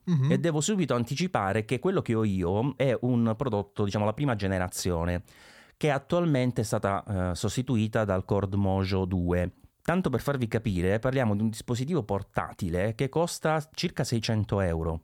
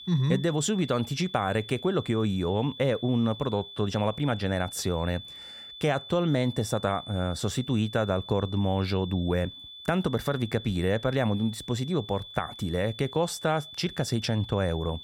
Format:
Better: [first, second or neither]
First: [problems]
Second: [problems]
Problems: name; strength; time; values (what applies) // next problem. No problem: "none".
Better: first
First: none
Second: high-pitched whine; noticeable; throughout; 3.5 kHz, 15 dB below the speech